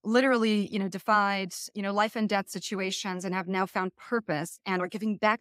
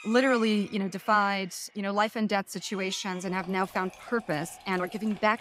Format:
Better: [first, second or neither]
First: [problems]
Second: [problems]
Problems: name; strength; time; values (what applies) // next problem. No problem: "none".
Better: first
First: none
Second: animal sounds; noticeable; throughout; 20 dB below the speech